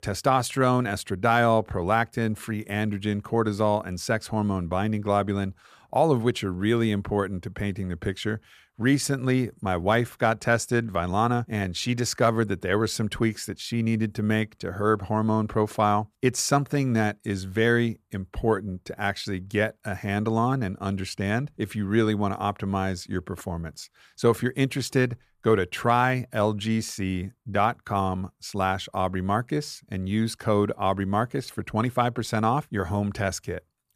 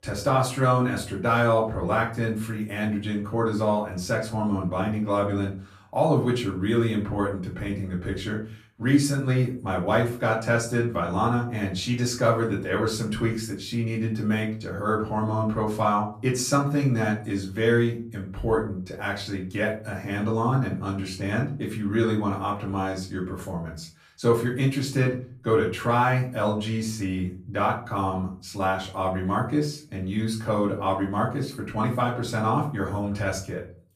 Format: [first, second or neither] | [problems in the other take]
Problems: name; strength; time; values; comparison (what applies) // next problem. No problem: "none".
first | off-mic speech; far // room echo; slight; dies away in 0.3 s